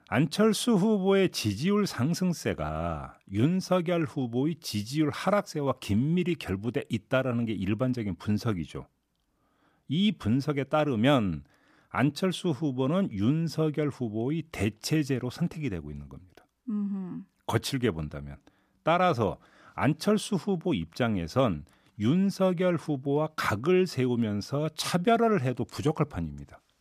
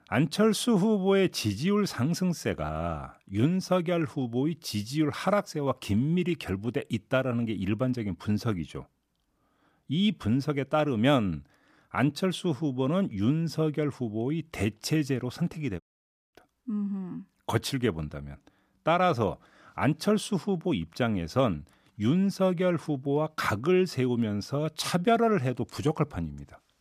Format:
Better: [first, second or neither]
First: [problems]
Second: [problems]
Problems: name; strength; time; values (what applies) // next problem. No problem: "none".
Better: first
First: none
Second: audio cutting out; at 16 s for 0.5 s